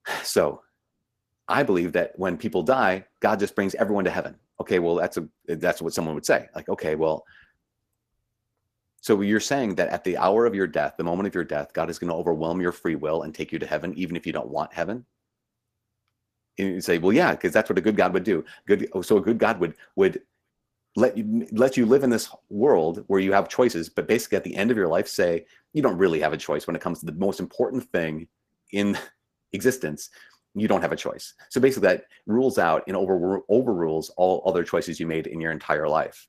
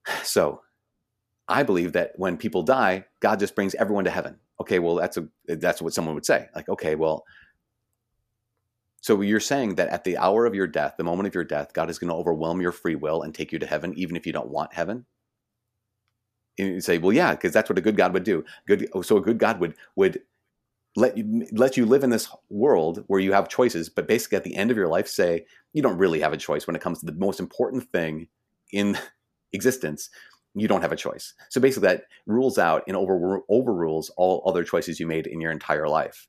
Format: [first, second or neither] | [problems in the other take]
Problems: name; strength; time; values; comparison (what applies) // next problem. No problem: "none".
second | garbled, watery; slightly; nothing above 14.5 kHz